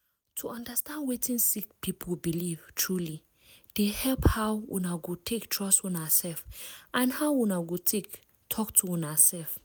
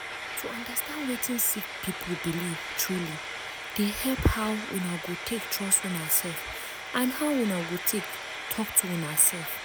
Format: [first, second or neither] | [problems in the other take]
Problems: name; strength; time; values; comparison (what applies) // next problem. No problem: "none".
first | background sound (Frying (food)); 7 dB below the speech